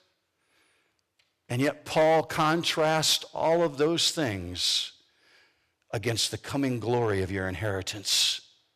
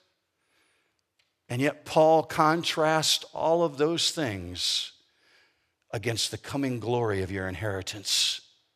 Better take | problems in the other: second | distortion; slight; 3% of the sound clipped

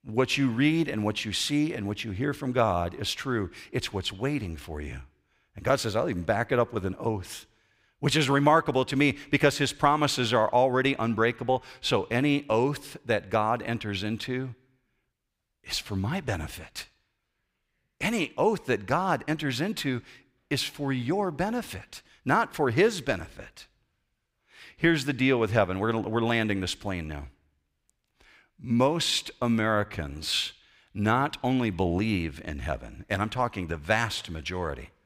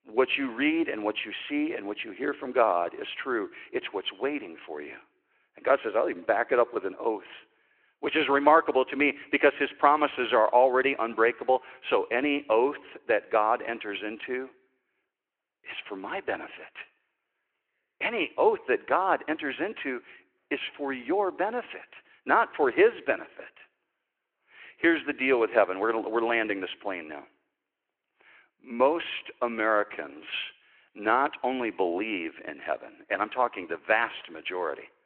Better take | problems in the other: first | phone-call audio

